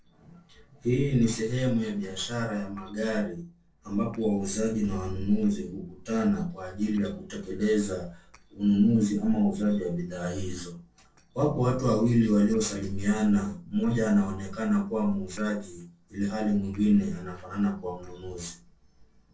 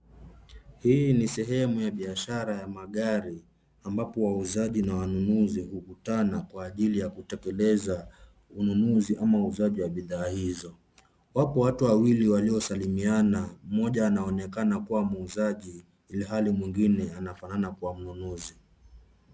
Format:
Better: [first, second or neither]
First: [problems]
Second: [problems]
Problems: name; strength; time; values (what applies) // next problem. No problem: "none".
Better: second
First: noise reduction (neural separator model SepFormer DNS4)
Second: none